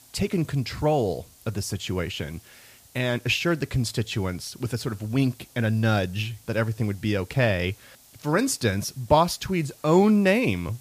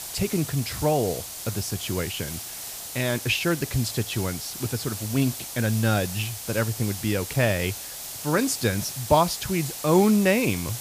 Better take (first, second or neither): first